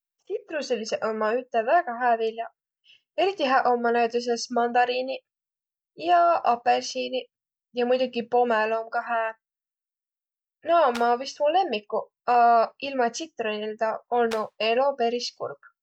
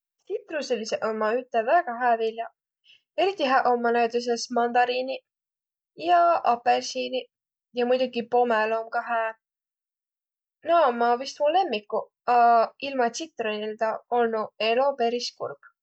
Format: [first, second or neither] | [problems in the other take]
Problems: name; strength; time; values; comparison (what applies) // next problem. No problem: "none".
second | background sound (Clapping); 17 dB below the speech